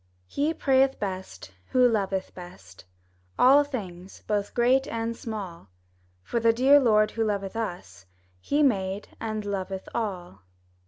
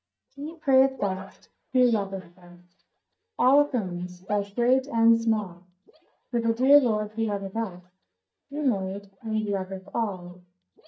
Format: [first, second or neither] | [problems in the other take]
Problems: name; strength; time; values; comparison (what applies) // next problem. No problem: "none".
first | noise reduction (neural mask model DeepFilterNet 3)